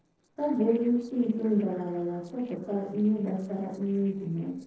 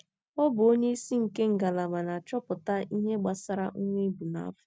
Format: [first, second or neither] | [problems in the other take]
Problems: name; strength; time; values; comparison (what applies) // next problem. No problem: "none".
second | noise reduction (neural separator model SepFormer DNS4)